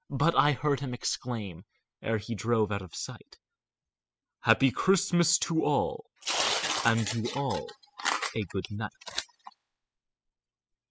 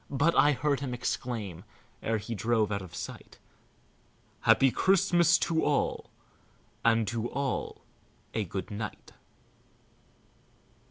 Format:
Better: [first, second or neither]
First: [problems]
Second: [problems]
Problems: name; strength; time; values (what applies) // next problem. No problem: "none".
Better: second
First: noise reduction (classical method spectral subtraction)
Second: none